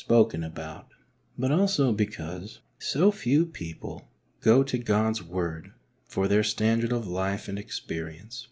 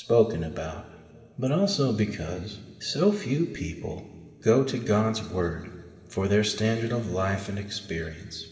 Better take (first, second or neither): first